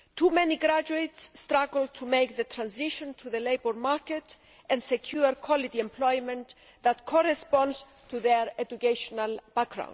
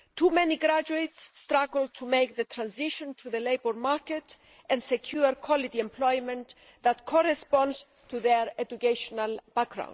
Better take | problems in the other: first | noise reduction (neural mask model Resemble Enhance denoiser)

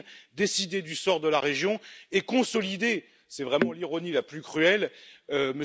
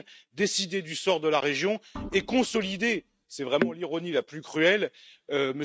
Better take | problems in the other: first | noise reduction (neural mask model RNNoise)

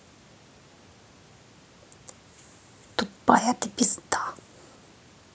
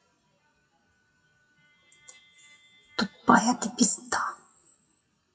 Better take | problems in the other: first | noise reduction (classical method WPE with log-MMSE)

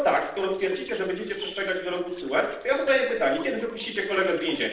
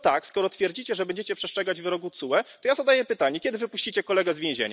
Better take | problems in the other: second | noise reduction (neural separator model SepFormer DNS4)

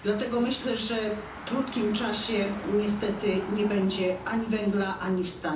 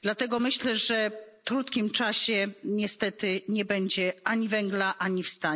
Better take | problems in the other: second | background sound (Motor vehicle (road)); 13 dB below the speech // room echo; dies away in 0.8 s

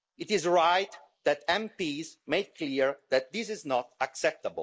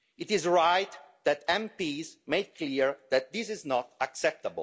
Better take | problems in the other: second | noise reduction (neural mask model Resemble Enhance denoiser)

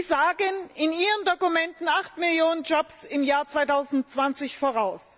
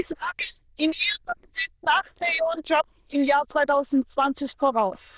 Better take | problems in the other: first | noise reduction (neural diffusion model UNIVERSE++)

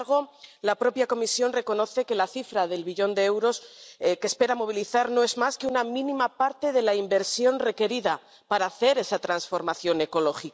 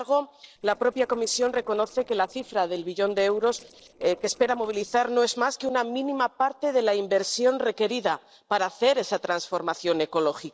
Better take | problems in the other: first | noise reduction (neural separator model SepFormer DNS4)

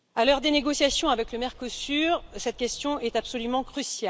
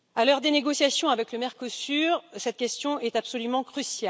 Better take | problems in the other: second | background sound (Bird vocalization, bird call, bird song); 18 dB below the speech

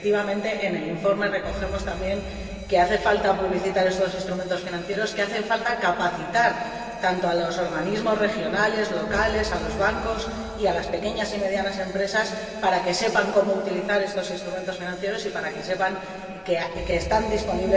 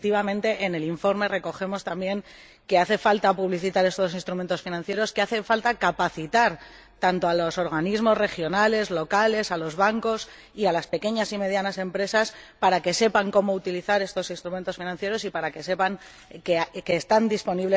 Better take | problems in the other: second | background sound (Alarm); 15 dB below the speech // room echo; dies away in 2.6 s

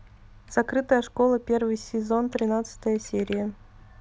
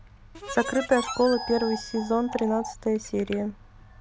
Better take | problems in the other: first | background sound (Harmonica + Bird); 9 dB below the speech

